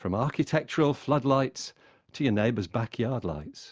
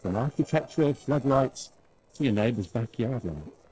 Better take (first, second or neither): first